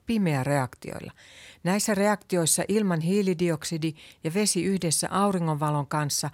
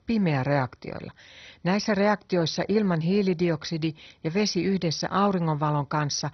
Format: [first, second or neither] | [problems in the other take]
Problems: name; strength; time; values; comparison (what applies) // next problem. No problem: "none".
first | garbled, watery; badly; nothing above 6 kHz